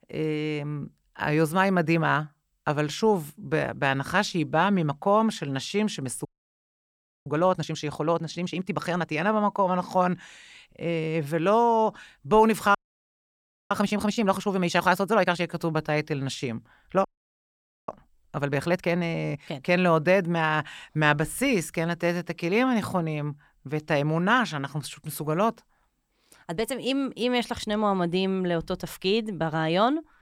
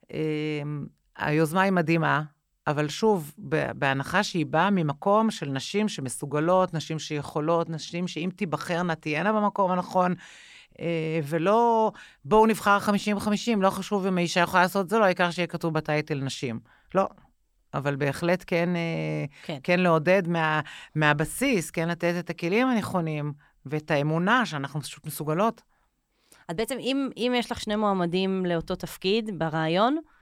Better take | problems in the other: second | audio freezing; at 6.5 s for 1 s, at 13 s for 1 s and at 17 s for 1 s

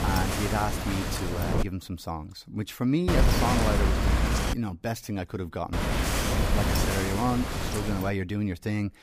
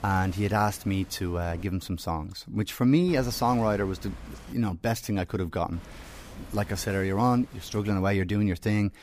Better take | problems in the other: second | wind noise on the microphone; heavy; until 1.5 s, from 3 to 4.5 s and from 5.5 to 8 s; 2 dB above the speech; occasional gusts in the second

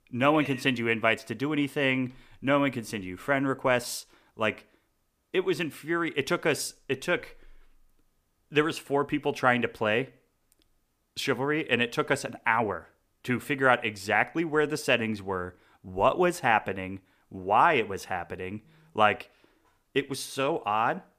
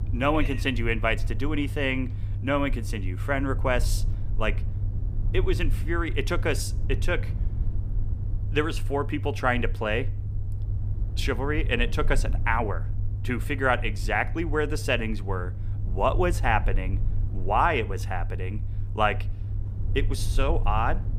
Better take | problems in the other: first | low rumble; noticeable; throughout; 20 dB below the speech

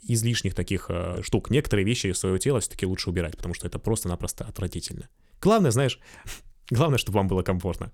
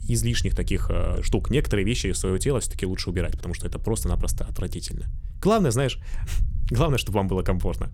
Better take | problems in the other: first | low rumble; faint; throughout; 25 dB below the speech

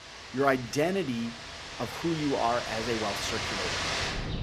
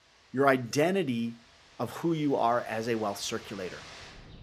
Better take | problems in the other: second | rain or running water; loud; throughout; 3 dB below the speech; faint in the second

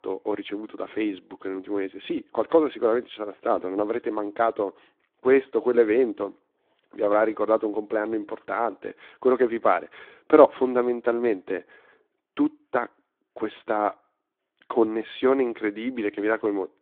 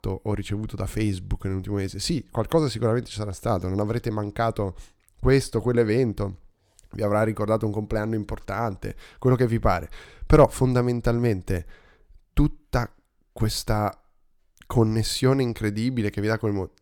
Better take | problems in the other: second | phone-call audio

